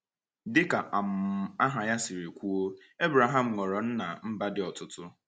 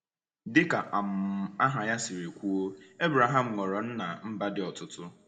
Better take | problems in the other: first | room echo; dies away in 2.1 s

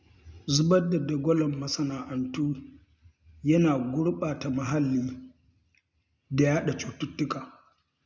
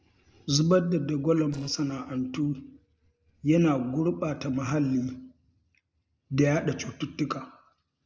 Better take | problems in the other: first | noise reduction (neural separator model SepFormer DNS4)

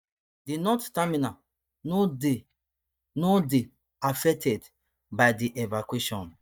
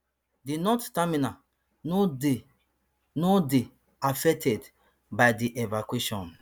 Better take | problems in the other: second | noise reduction (neural mask model DeepFilterNet 3)

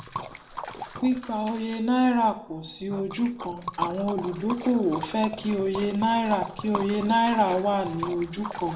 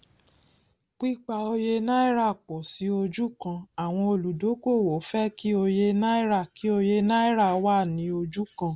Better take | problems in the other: second | background sound (Liquid); 11 dB below the speech // room echo; dies away in 0.6 s

